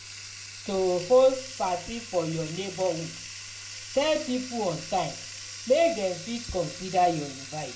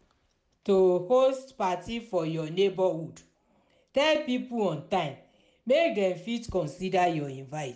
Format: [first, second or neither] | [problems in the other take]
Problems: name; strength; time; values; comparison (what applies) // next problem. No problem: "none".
second | background sound (Bathtub (filling or washing)); 13 dB below the speech // room echo; dies away in 0.1 s